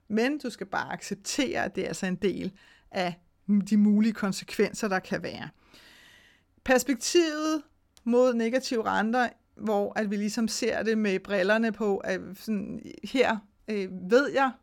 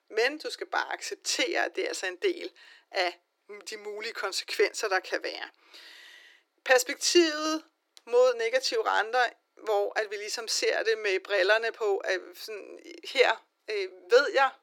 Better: first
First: none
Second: thin; very; fading below 350 Hz

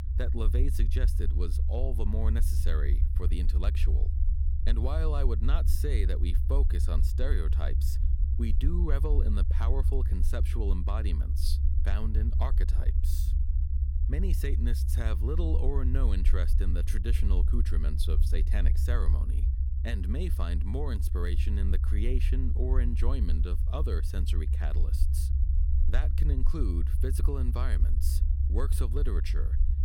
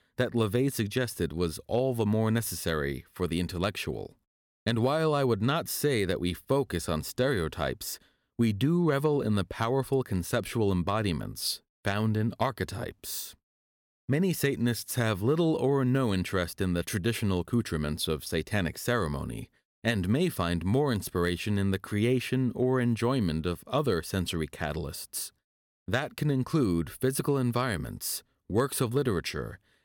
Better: second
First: low rumble; loud; throughout; 7 dB below the speech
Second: none

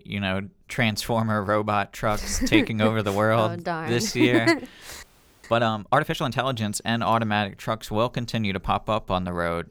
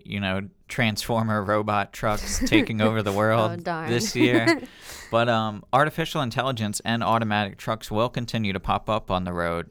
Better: second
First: audio freezing; at 5 s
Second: none

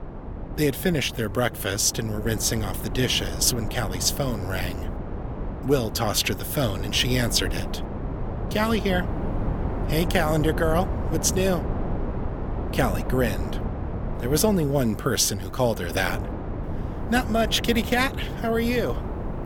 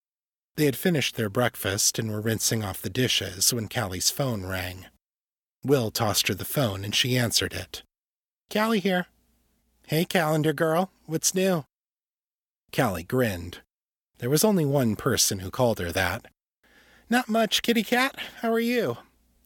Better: second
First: wind noise on the microphone; occasional gusts; 10 dB below the speech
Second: none

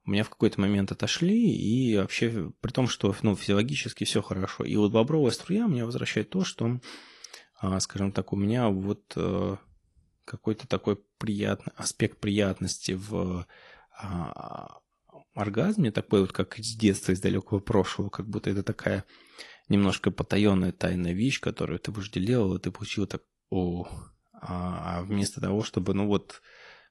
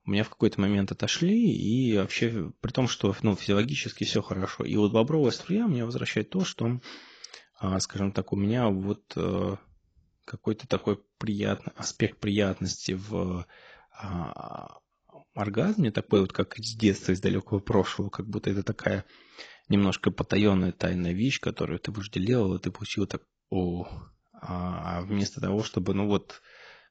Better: first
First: garbled, watery; slightly; nothing above 11 kHz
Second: garbled, watery; badly

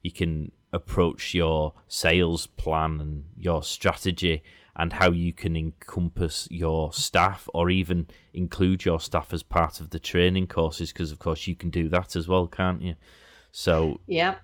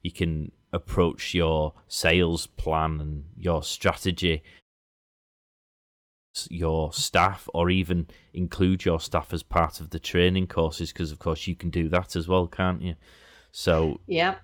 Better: first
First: none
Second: audio cutting out; at 4.5 s for 1.5 s

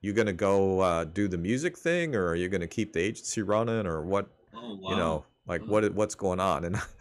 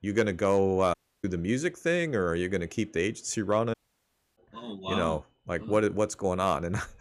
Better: first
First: none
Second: audio cutting out; at 1 s and at 3.5 s for 0.5 s

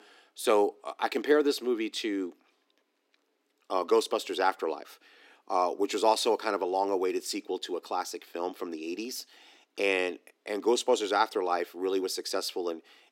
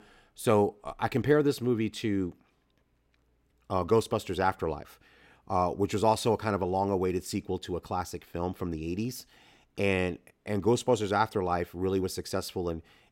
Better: second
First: thin; somewhat; fading below 300 Hz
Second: none

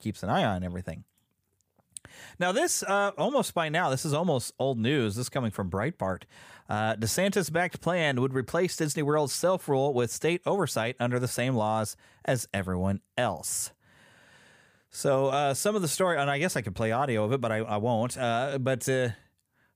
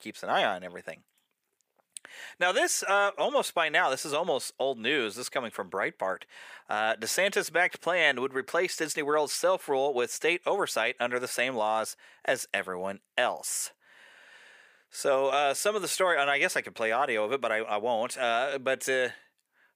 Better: first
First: none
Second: thin; somewhat; fading below 450 Hz

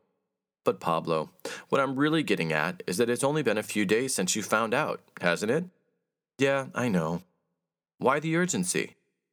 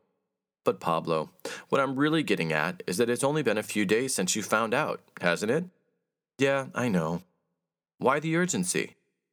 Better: neither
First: none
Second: none

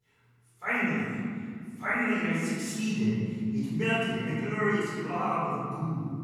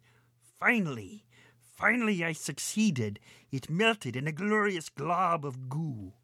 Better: second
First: off-mic speech; far // room echo; strong; dies away in 2.9 s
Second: none

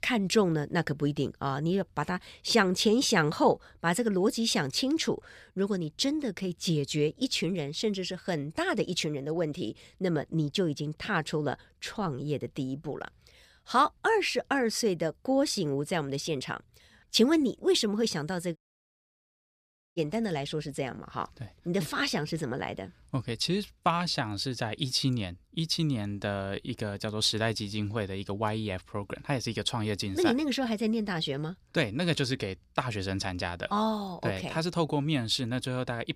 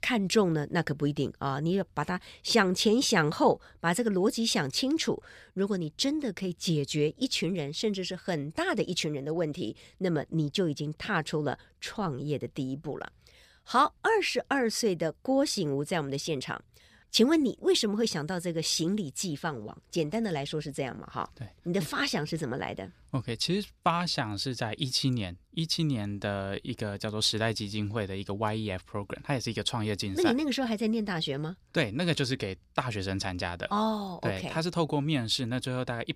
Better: second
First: audio cutting out; at 19 s for 1.5 s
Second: none

